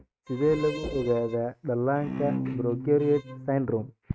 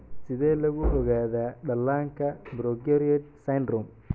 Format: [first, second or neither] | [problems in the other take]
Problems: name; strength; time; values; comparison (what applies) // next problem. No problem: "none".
second | noise reduction (neural mask model RNNoise)